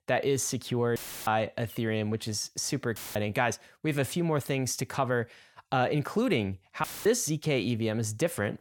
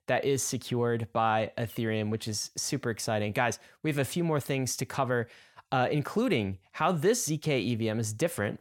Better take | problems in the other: second | audio cutting out; filled with static; at 1 s, at 3 s and at 7 s

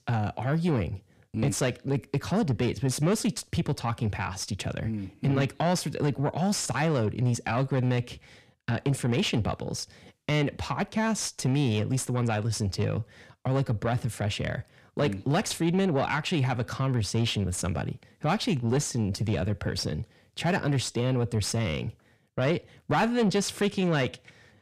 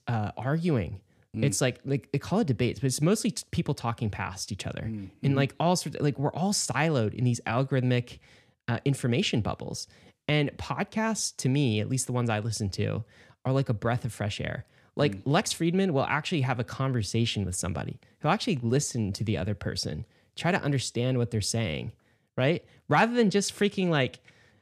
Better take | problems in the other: second | distortion; slight; 10 dB below the speech

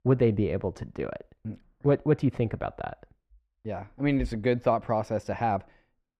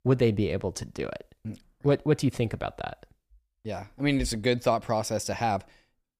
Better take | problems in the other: second | muffled; very; fading above 3.5 kHz

